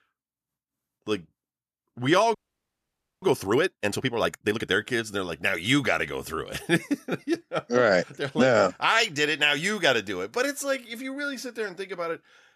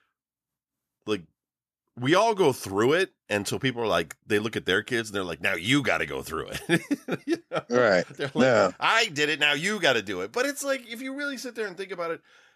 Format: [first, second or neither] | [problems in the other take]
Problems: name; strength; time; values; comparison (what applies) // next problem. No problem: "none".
second | audio freezing; at 2.5 s for 1 s